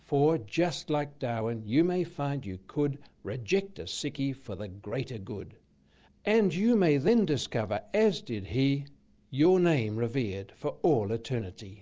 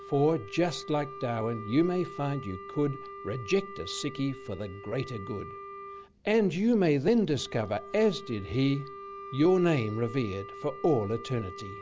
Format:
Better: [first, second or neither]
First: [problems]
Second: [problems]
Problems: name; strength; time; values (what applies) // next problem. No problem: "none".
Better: first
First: none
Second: background sound (Wind instrument, woodwind instrument); 14 dB below the speech